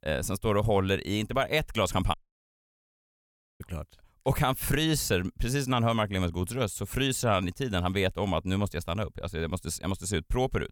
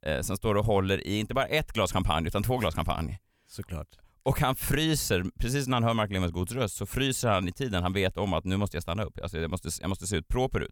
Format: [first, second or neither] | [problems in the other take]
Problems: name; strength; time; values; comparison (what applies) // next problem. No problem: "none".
second | audio cutting out; at 2 s for 1.5 s